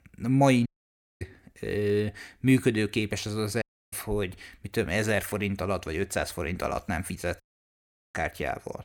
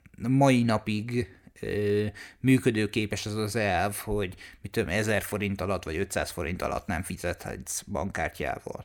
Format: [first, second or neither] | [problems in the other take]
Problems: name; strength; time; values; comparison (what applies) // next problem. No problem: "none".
second | audio cutting out; at 0.5 s for 0.5 s, at 3.5 s and at 7.5 s for 0.5 s